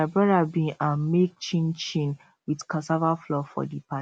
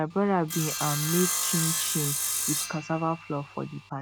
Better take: first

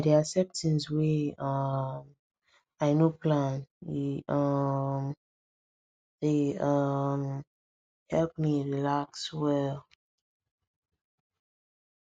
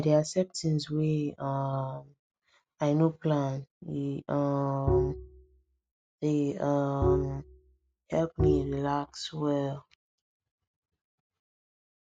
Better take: first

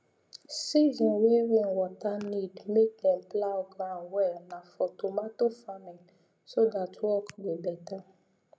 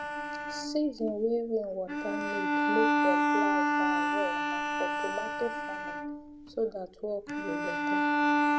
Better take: first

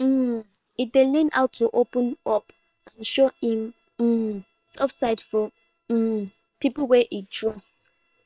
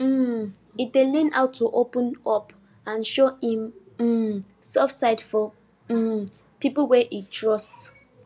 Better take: second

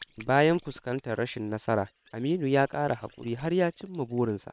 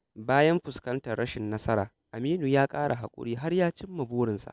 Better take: second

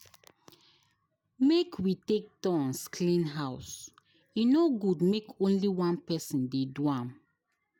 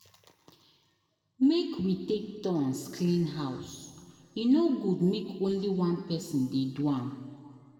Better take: first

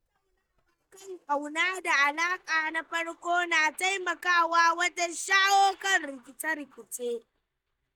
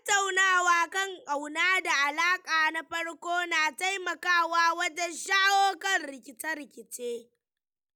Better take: second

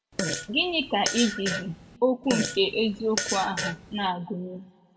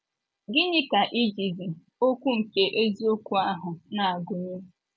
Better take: second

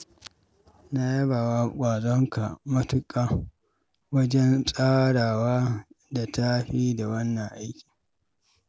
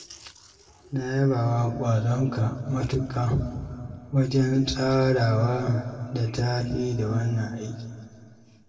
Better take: first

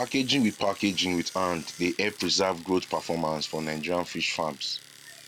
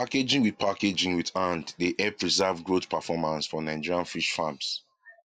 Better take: second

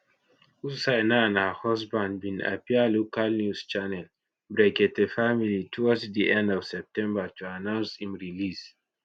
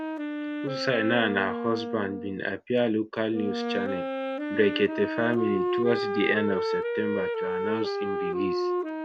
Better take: first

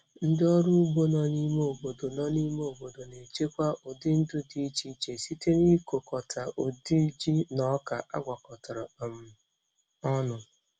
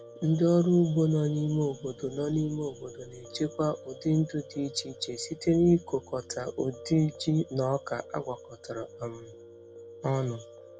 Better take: first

